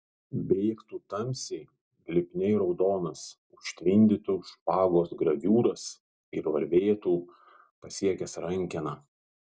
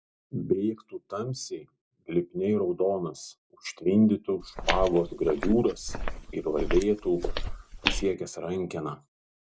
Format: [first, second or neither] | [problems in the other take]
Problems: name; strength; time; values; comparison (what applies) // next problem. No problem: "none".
first | background sound (Walk, footsteps); 3 dB below the speech